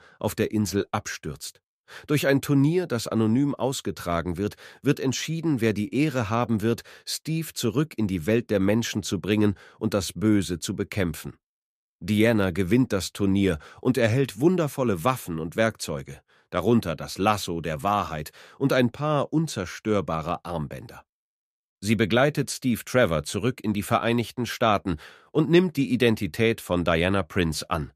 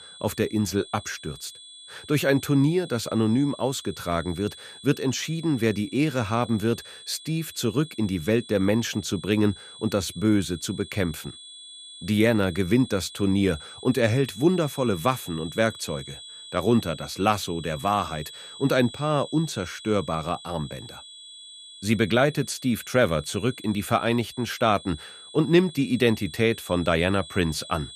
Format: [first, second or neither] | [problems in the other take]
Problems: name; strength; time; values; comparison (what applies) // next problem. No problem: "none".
first | high-pitched whine; noticeable; throughout; 3.5 kHz, 15 dB below the speech